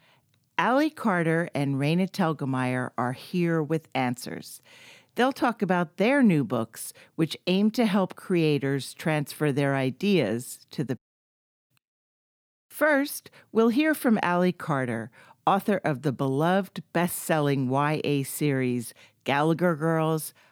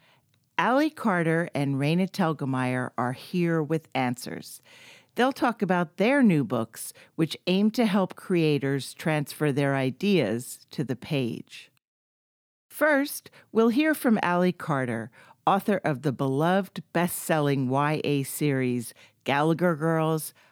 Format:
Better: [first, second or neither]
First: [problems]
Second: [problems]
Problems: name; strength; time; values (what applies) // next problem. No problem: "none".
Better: second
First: audio cutting out; at 11 s for 0.5 s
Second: none